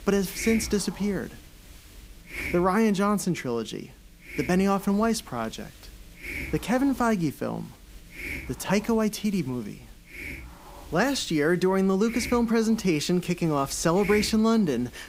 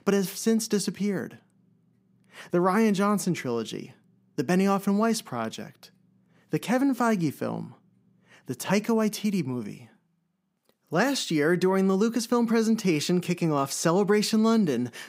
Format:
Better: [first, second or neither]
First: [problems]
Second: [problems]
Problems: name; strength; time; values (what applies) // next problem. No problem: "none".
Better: second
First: hiss; noticeable; throughout; 15 dB below the speech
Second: none